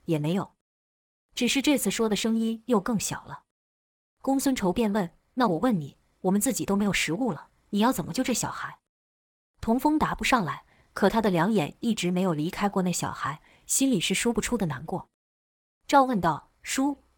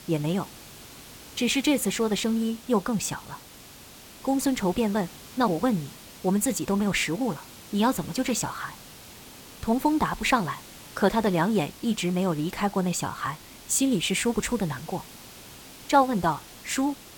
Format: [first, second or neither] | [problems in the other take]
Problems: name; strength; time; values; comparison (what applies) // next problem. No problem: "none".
first | hiss; noticeable; throughout; 20 dB below the speech